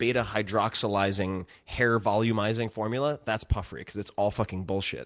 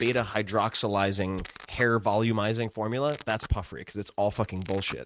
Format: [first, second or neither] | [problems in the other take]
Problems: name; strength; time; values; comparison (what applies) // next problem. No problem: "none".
first | noise reduction (neural mask model RNNoise)